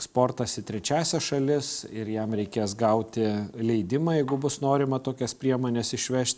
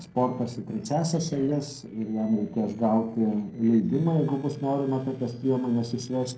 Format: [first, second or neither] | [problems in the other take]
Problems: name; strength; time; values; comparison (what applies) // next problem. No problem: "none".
first | noise reduction (neural separator model SepFormer DNS4)